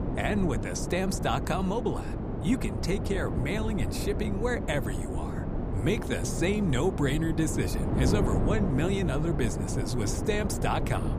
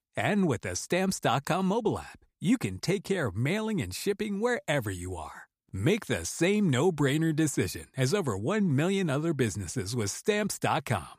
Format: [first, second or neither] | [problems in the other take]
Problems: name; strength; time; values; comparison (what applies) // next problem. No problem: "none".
second | wind noise on the microphone; heavy; 5 dB below the speech